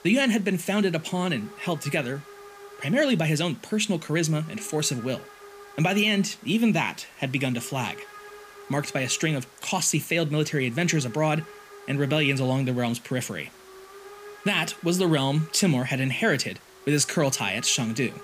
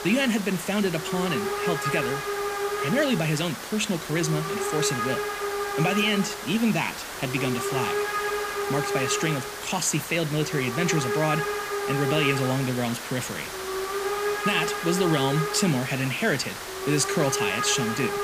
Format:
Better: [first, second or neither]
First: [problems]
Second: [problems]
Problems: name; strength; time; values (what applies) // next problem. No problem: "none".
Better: first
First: hiss; faint; throughout; 20 dB below the speech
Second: hiss; loud; throughout; 3 dB below the speech